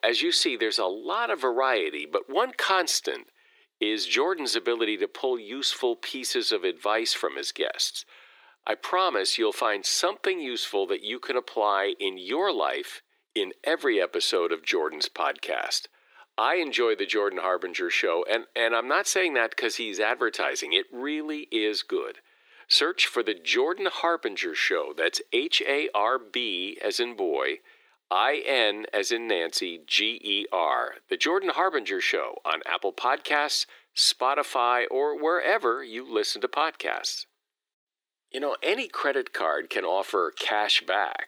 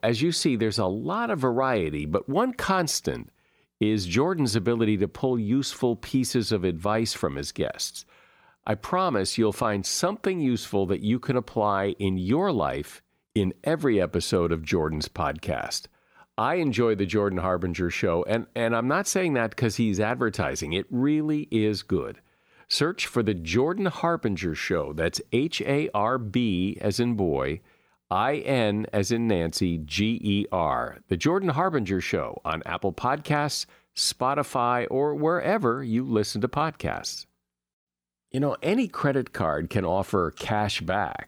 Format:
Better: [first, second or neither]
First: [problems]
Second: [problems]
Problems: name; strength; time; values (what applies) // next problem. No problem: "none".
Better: second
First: thin; very; fading below 350 Hz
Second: none